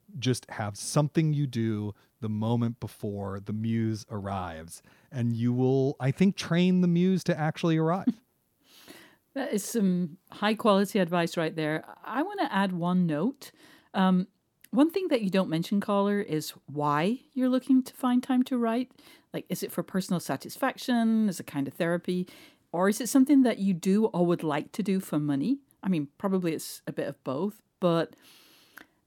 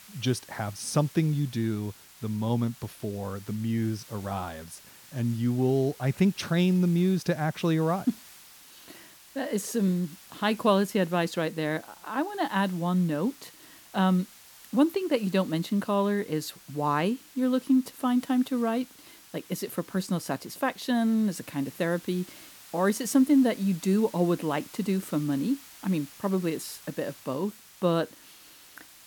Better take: first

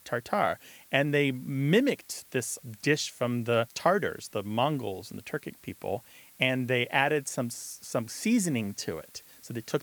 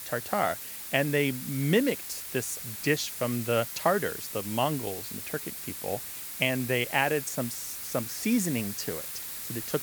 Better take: first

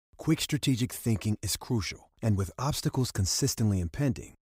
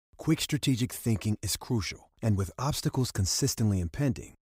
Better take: neither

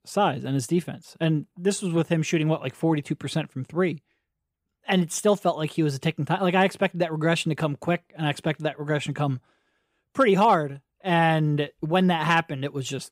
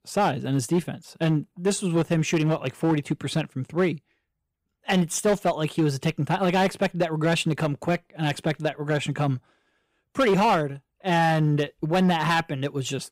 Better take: first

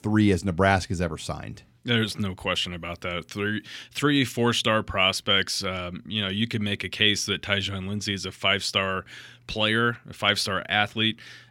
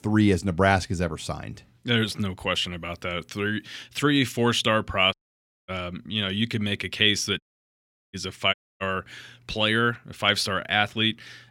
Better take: first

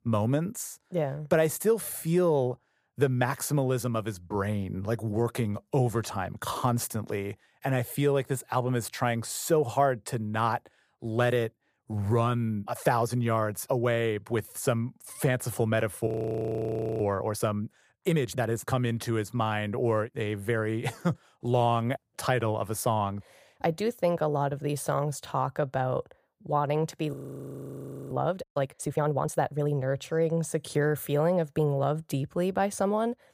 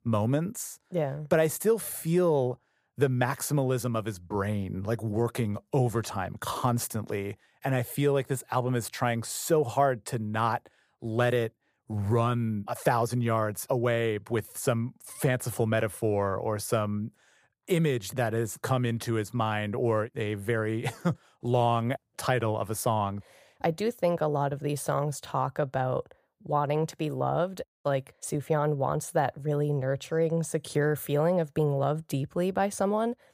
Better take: second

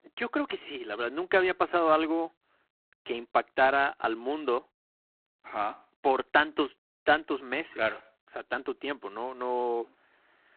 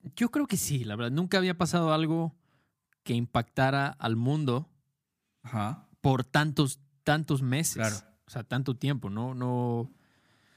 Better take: second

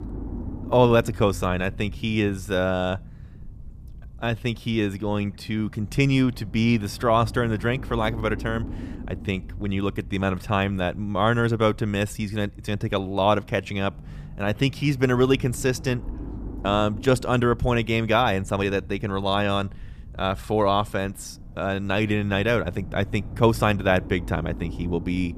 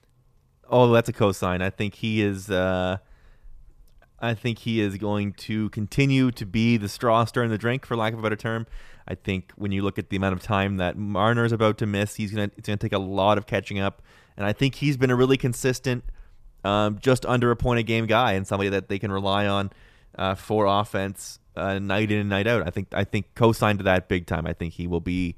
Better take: second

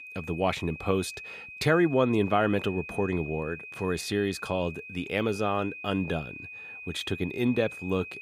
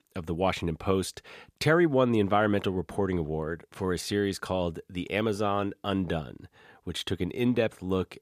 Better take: second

